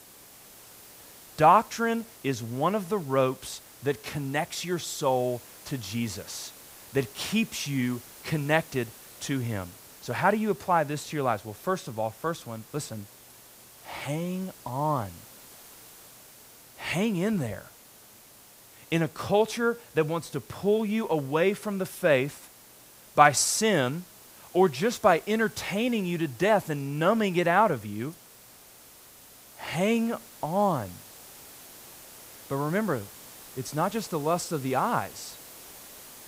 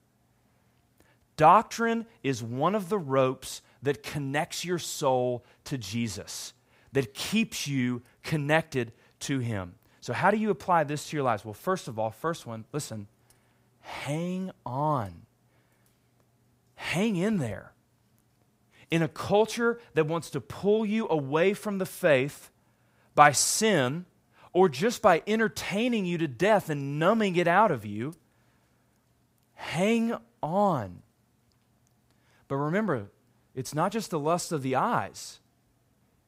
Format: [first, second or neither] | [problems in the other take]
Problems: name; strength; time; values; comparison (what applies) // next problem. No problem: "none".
second | hiss; noticeable; throughout; 20 dB below the speech